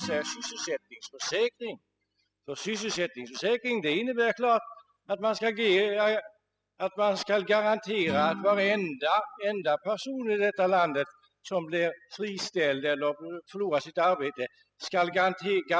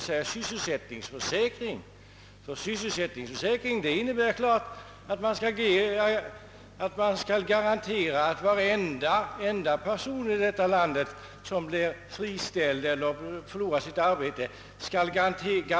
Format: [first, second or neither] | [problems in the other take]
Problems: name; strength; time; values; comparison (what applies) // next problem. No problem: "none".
second | noise reduction (classical method spectral subtraction)